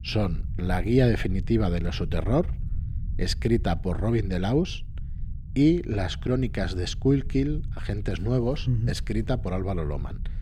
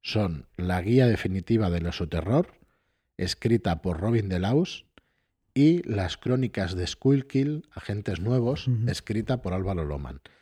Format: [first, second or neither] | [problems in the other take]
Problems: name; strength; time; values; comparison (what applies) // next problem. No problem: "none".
second | low rumble; faint; throughout; 20 dB below the speech